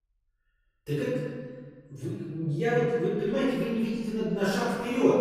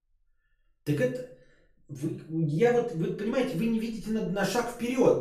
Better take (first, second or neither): second